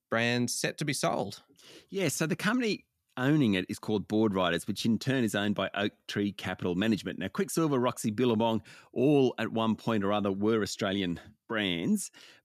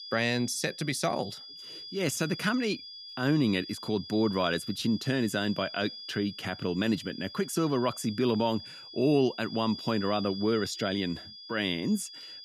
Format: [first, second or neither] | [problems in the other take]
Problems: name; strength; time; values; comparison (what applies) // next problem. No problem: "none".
first | high-pitched whine; noticeable; throughout; 5 kHz, 10 dB below the speech